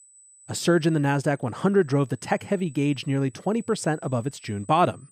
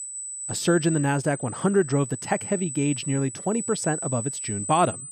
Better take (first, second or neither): first